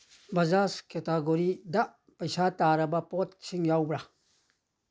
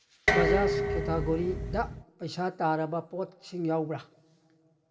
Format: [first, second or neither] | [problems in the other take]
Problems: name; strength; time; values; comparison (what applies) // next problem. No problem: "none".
first | background sound (Dishes, pots, and pans); 2 dB above the speech // room echo; dies away in 1 s